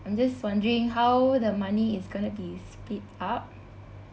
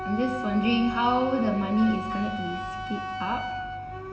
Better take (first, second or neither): first